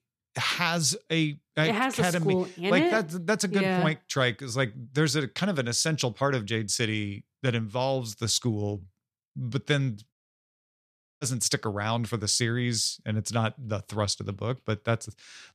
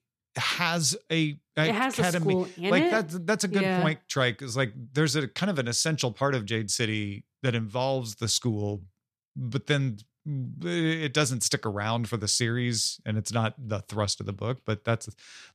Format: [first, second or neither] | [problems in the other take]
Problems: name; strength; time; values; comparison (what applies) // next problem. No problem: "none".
second | audio cutting out; at 10 s for 1 s